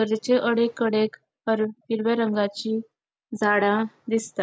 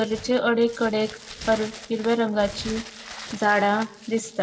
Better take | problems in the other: first | background sound (Crumpling, crinkling); 16 dB below the speech // room echo; dies away in 0.8 s

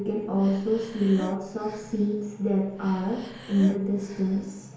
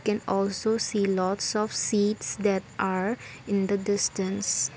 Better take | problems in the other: second | background sound (Breathing); 18 dB below the speech // room echo; dies away in 1 s

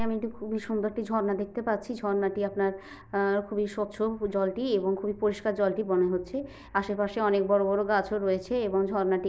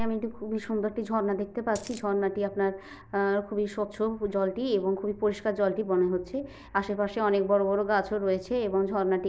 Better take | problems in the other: first | background sound (Coin (dropping)); 16 dB below the speech

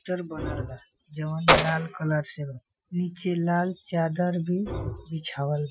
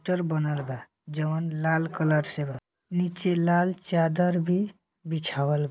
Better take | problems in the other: second | noise reduction (classical method Wiener filter)

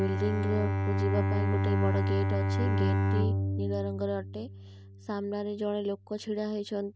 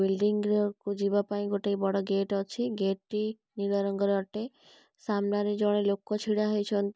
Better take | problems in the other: second | background sound (Bowed string instrument); 4 dB above the speech

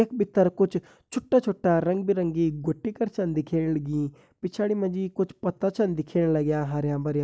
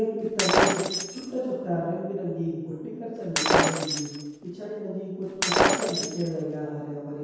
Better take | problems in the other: first | background sound (Shatter); 4 dB above the speech // room echo; dies away in 1.2 s

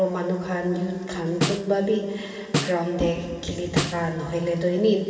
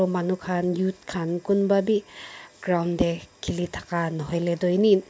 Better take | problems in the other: second | background sound (Snare drum); 5 dB below the speech // room echo; dies away in 2.5 s

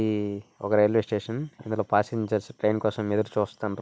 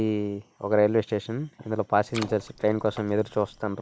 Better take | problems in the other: first | background sound (Water / Splash, splatter); 16 dB below the speech

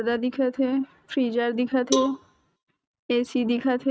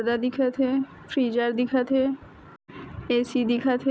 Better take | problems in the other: second | noise reduction (neural mask model RNNoise)

